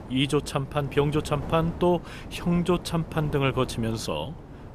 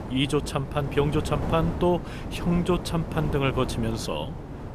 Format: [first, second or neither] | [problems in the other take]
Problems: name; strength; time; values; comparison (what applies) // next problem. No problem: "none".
first | wind noise on the microphone; heavy; 9 dB below the speech; occasional gusts in the first